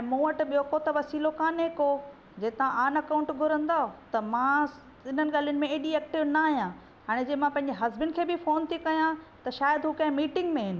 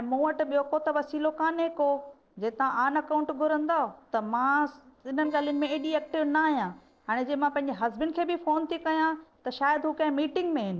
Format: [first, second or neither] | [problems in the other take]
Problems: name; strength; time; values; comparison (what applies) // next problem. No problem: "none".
first | noise reduction (neural separator model SepFormer DNS4)